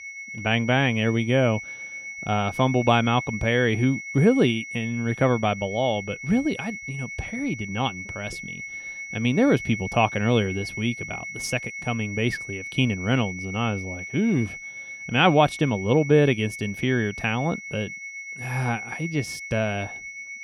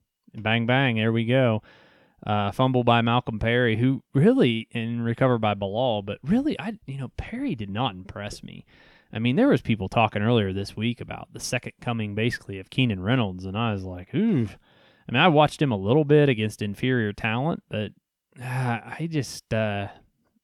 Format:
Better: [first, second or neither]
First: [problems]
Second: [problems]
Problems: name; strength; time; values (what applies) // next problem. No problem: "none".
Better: second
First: high-pitched whine; loud; throughout; 2 kHz, 10 dB below the speech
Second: none